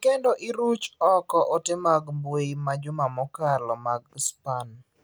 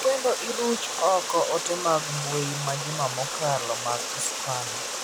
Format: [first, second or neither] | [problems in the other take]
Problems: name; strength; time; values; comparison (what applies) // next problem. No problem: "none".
first | background sound (Water); 4 dB below the speech